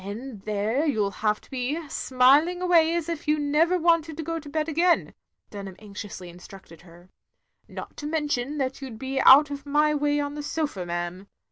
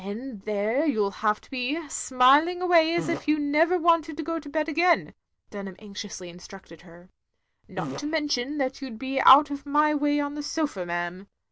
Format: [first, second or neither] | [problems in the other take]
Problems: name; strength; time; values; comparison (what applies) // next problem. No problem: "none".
first | background sound (Fart); 10 dB below the speech